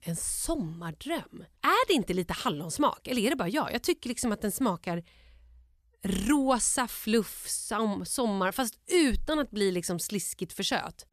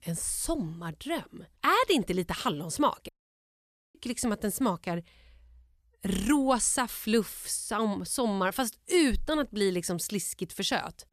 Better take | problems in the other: first | audio cutting out; at 3 s for 1 s

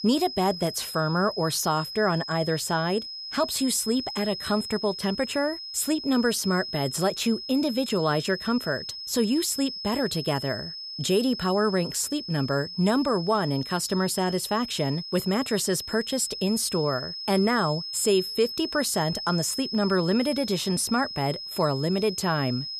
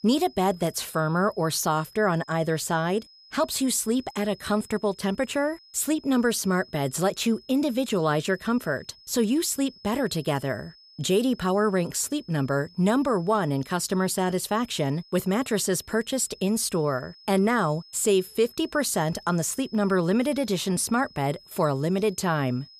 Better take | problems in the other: second | high-pitched whine; loud; throughout; 5 kHz, 8 dB below the speech; faint in the second

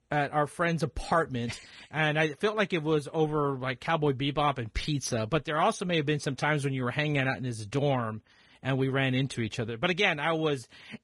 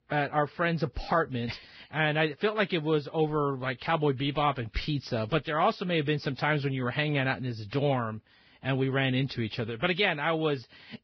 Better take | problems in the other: first | garbled, watery; badly; nothing above 5.5 kHz; slightly in the first

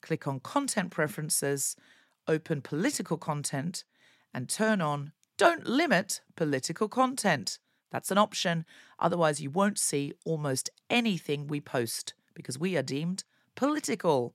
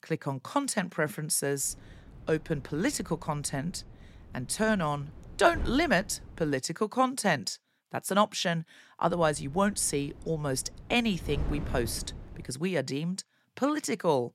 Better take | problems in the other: first | wind noise on the microphone; occasional gusts; from 1.5 to 6.5 s and from 9 to 12 s; 20 dB below the speech

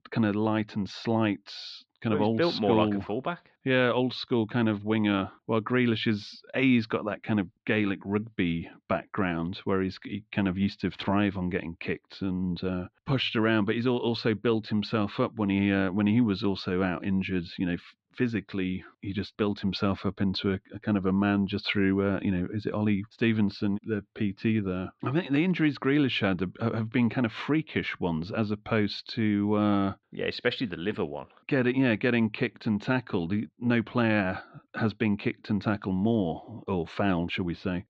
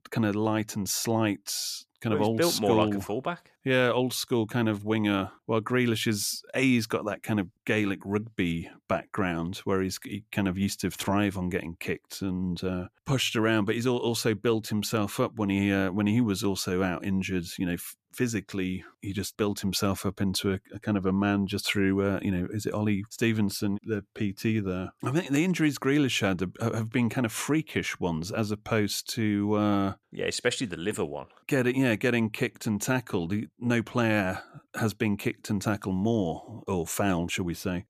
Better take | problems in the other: second | muffled; very slightly; fading above 4 kHz

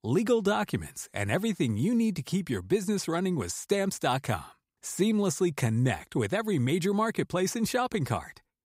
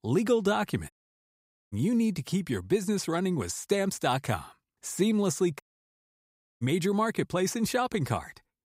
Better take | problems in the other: first | audio cutting out; at 1 s for 1 s and at 5.5 s for 1 s

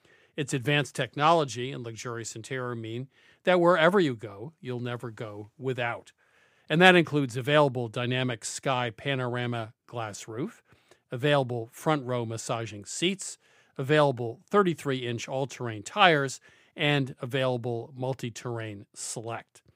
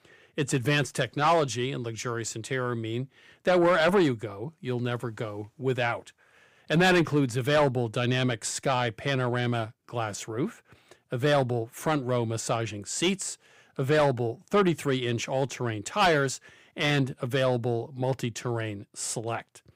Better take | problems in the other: first | distortion; heavy; 6 dB below the speech

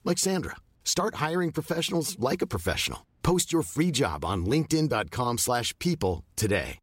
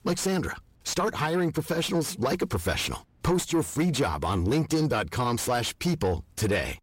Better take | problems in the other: first | distortion; slight; 10 dB below the speech

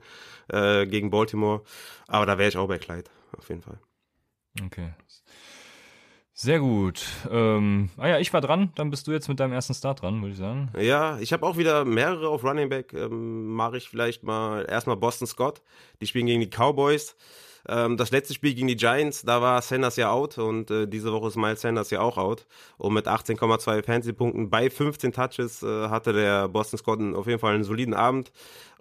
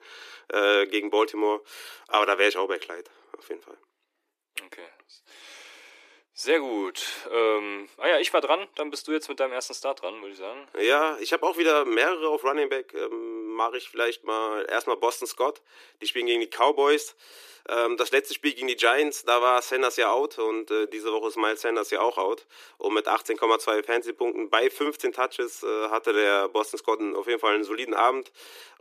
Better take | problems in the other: first | thin; very; fading below 300 Hz

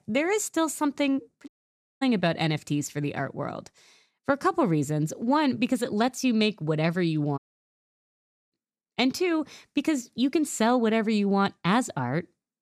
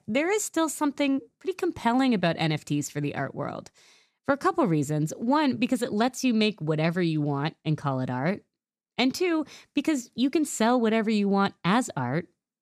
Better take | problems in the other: second | audio cutting out; at 1.5 s for 0.5 s and at 7.5 s for 1 s

